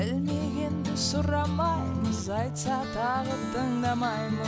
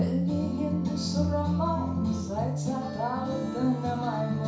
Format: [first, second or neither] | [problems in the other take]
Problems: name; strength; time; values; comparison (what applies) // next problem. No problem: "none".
first | room echo; dies away in 0.6 s